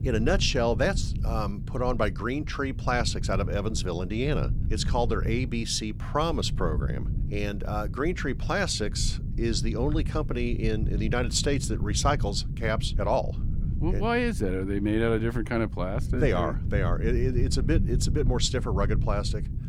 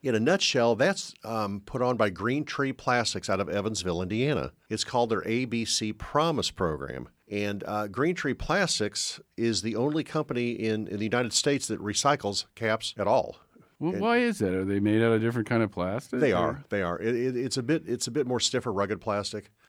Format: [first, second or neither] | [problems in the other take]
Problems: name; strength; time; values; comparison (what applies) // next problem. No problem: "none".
second | low rumble; noticeable; throughout; 15 dB below the speech